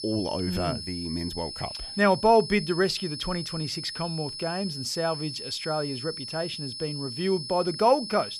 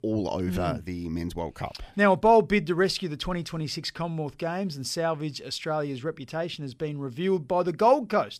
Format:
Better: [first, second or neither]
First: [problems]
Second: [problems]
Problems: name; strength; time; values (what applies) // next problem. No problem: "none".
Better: second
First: high-pitched whine; loud; throughout; 5 kHz, 7 dB below the speech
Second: none